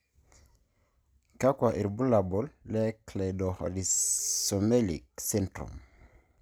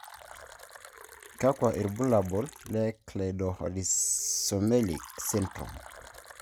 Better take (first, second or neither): first